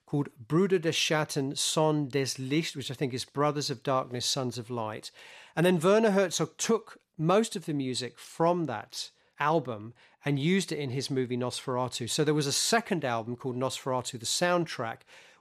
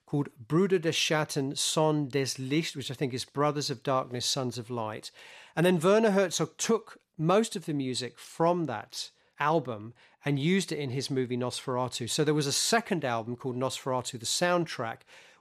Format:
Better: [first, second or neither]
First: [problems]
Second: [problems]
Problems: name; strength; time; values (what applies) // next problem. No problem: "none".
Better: neither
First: none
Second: none